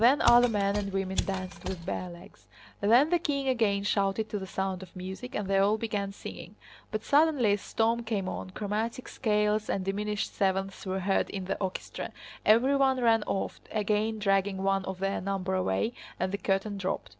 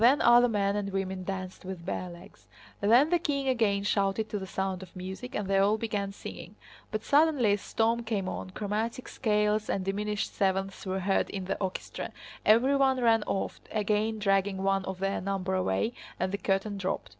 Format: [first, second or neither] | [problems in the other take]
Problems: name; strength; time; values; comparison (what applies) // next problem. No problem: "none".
second | background sound (Mechanisms); 8 dB below the speech